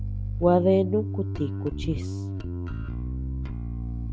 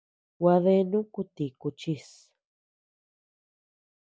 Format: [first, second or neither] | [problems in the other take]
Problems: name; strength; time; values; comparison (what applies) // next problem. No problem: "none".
second | background sound (Bass guitar); 3 dB below the speech